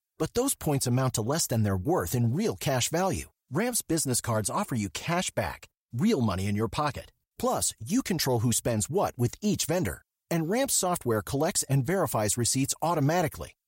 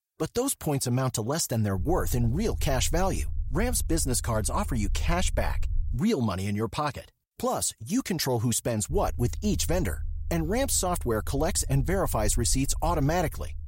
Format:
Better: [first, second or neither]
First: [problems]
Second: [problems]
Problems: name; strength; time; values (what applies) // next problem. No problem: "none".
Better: first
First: none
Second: low rumble; faint; from 2 to 6 s and from 9 s on; 25 dB below the speech